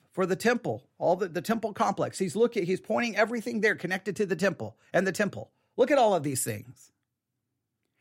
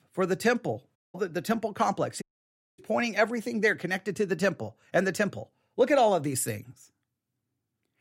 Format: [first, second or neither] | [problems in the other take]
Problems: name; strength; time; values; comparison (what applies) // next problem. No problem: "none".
first | audio cutting out; at 1 s and at 2 s for 0.5 s